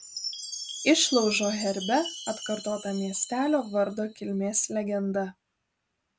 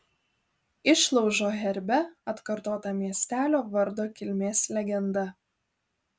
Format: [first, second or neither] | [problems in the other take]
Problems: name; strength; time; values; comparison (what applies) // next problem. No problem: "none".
second | background sound (Chime); 12 dB below the speech